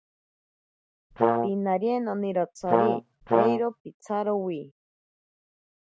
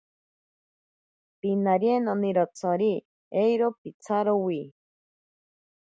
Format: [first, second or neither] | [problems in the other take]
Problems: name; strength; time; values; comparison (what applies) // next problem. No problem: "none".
second | background sound (Brass instrument); 5 dB above the speech